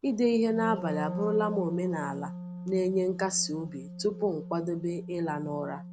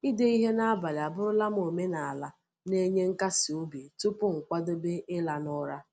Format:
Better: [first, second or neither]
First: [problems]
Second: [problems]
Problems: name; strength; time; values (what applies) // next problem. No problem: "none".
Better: second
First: background sound (Wind instrument, woodwind instrument); 9 dB below the speech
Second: none